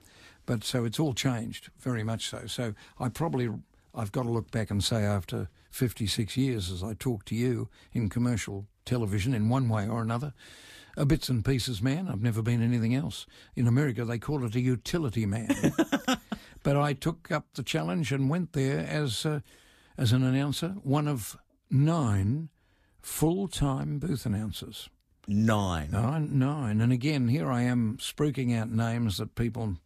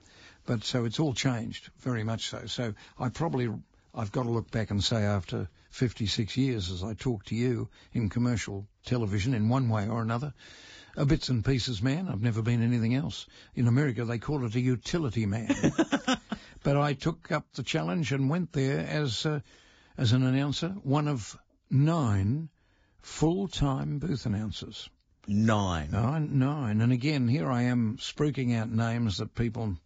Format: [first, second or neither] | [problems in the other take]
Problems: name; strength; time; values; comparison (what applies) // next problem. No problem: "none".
first | garbled, watery; badly; nothing above 7.5 kHz; slightly in the first